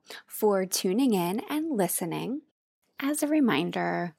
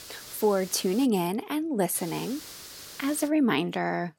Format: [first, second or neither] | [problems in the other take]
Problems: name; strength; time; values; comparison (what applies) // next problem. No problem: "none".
first | hiss; noticeable; until 1 s and from 2 to 3.5 s; 15 dB below the speech